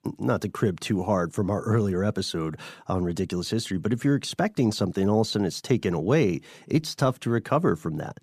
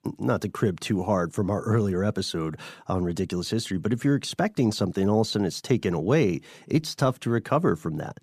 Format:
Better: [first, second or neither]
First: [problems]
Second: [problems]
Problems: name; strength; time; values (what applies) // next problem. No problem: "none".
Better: neither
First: none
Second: none